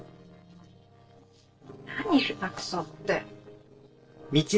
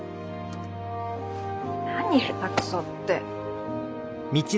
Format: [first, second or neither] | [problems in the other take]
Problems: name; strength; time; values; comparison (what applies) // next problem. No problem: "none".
second | noise reduction (neural separator model SepFormer DNS4)